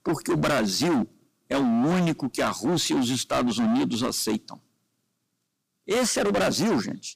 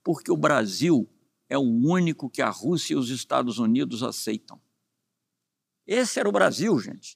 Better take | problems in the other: second | distortion; heavy; 23% of the sound clipped

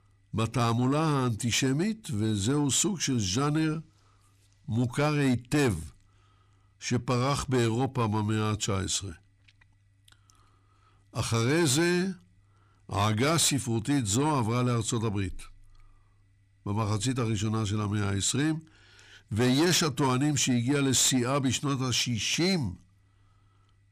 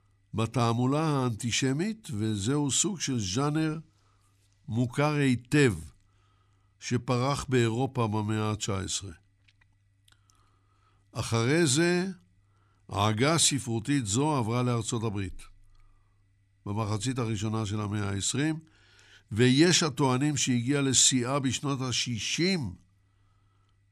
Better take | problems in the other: second | distortion; slight; 10 dB below the speech

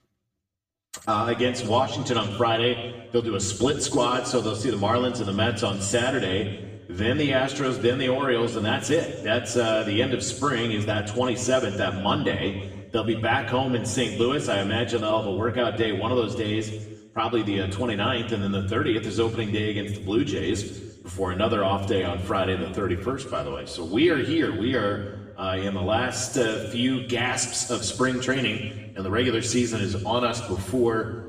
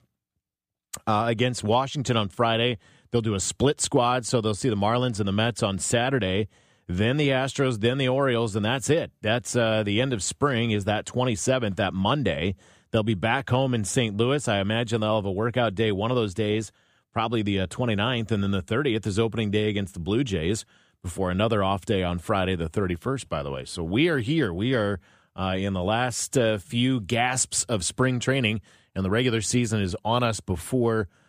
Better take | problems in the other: second | room echo; slight; dies away in 1.1 s // off-mic speech; far

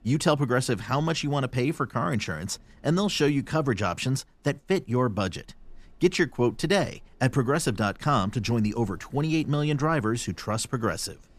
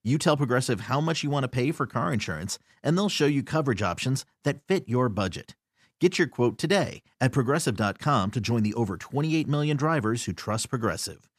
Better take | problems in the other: second | wind in the background; faint; throughout; 30 dB below the speech

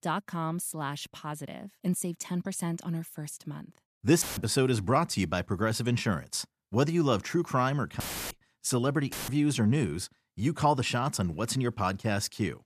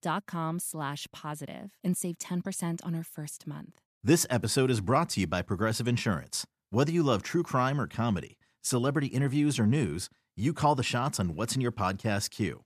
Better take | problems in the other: second | audio cutting out; filled with static; at 4 s, at 8 s and at 9 s

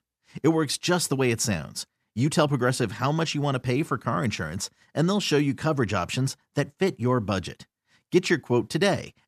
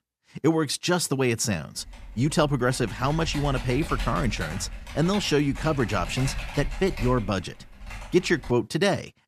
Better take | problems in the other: first | keyboard typing; noticeable; from 2 to 8.5 s; peak 8 dB below the speech

